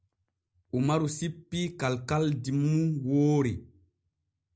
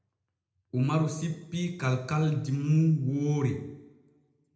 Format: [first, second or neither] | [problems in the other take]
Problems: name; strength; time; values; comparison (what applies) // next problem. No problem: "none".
first | room echo; dies away in 0.8 s